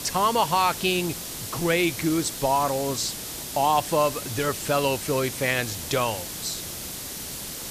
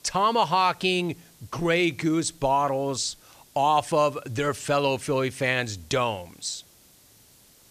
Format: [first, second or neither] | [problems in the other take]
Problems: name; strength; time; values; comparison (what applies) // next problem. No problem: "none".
second | hiss; loud; throughout; 7 dB below the speech; faint in the second